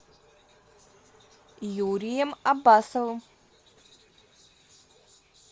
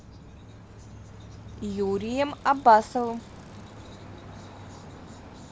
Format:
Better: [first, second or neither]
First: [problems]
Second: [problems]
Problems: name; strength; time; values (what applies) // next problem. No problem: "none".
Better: first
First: none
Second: background sound (Bicycle); 16 dB below the speech